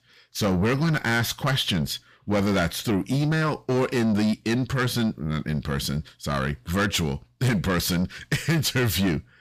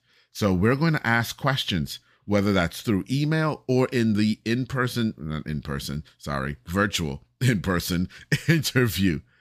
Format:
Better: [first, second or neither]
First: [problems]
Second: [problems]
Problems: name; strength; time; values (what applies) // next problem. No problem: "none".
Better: second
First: distortion; heavy; 8 dB below the speech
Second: none